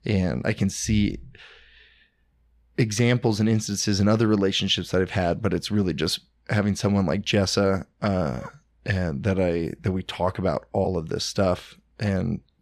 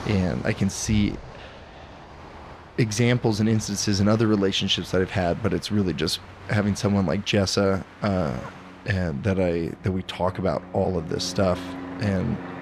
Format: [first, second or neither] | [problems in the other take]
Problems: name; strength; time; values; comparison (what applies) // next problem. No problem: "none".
first | train or aircraft noise; noticeable; throughout; 15 dB below the speech